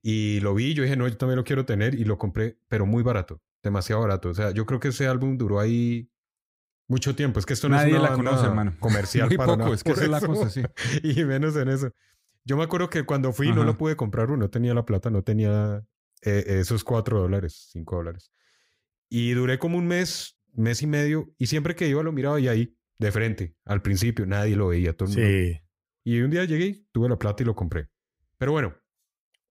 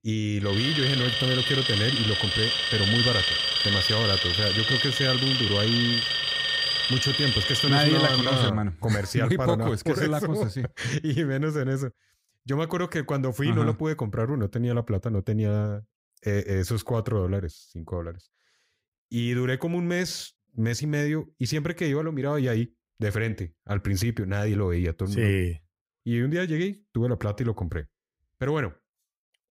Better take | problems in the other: first | alarm; loud; until 8.5 s; peak 6 dB above the speech

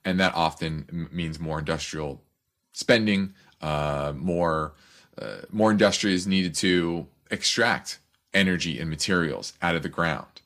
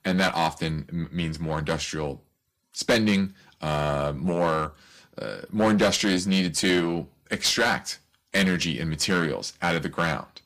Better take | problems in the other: first | distortion; slight; 5% of the sound clipped

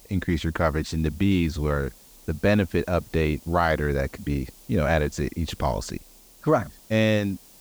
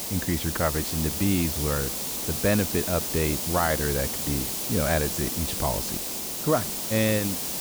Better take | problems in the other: first | hiss; loud; throughout; as loud as the speech; faint in the first

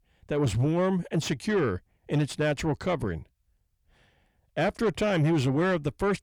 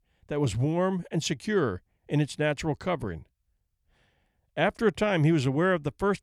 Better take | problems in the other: second | distortion; slight; 10 dB below the speech

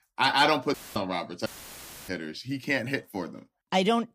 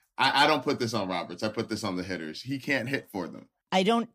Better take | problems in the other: second | audio cutting out; filled with static; at 0.5 s and at 1.5 s for 0.5 s

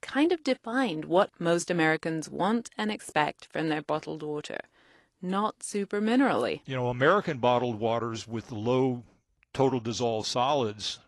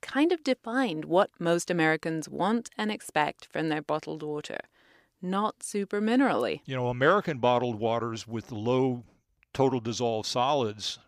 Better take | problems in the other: second | garbled, watery; slightly

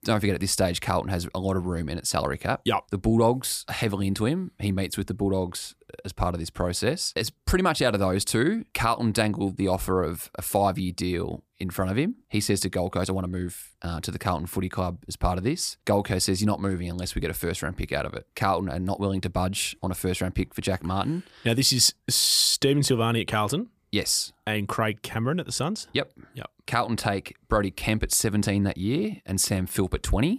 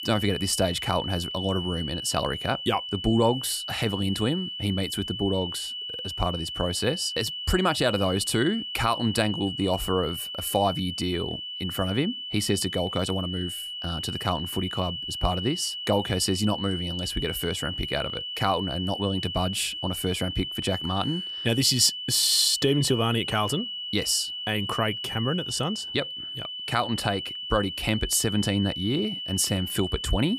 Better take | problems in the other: first | high-pitched whine; loud; throughout; 3 kHz, 5 dB below the speech

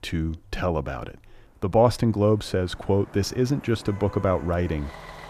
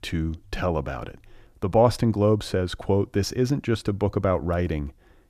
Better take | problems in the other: second | traffic noise; noticeable; throughout; 20 dB below the speech

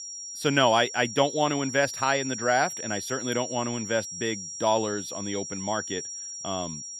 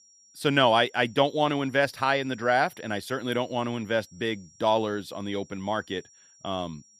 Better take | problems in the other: second | high-pitched whine; loud; throughout; 5.5 kHz, 7 dB below the speech; faint in the second

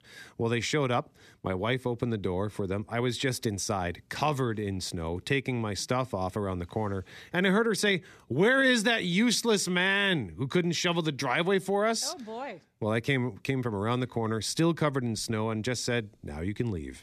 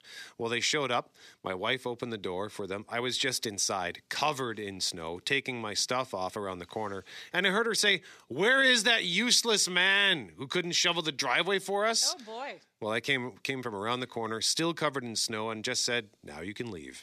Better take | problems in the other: first | thin; somewhat; fading below 1 kHz

